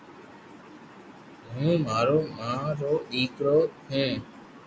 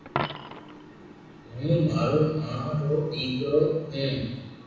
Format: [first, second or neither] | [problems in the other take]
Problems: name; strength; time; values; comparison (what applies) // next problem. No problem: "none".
first | background sound (Coin (dropping)); 13 dB below the speech // room echo; dies away in 1.1 s